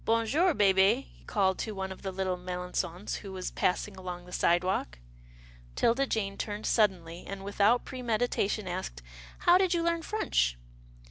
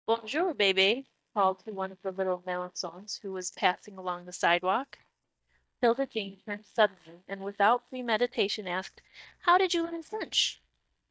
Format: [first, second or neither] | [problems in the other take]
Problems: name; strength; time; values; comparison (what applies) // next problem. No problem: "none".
first | noise reduction (neural mask model DeepFilterNet 3)